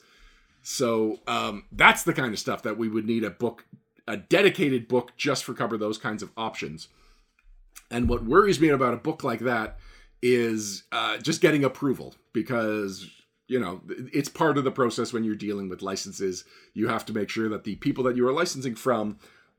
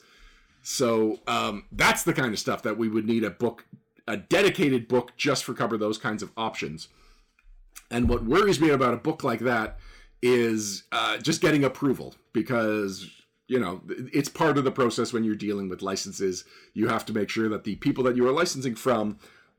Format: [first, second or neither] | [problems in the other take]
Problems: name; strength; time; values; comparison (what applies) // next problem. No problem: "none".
first | distortion; slight; 3% of the sound clipped